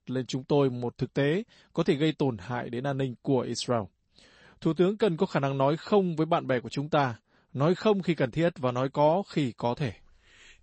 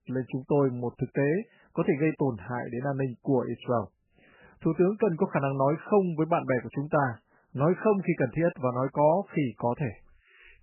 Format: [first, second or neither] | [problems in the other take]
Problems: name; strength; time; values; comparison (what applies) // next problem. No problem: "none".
first | garbled, watery; badly; nothing above 2.5 kHz; slightly in the first